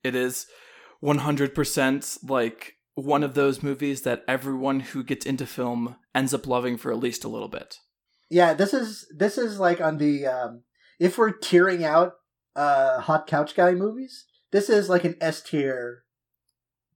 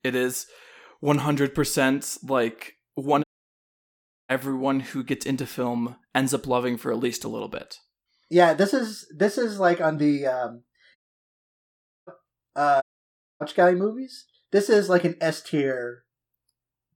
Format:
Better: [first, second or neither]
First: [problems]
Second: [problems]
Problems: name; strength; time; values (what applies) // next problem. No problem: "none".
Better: first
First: none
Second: audio cutting out; at 3 s for 1 s, at 11 s for 1 s and at 13 s for 0.5 s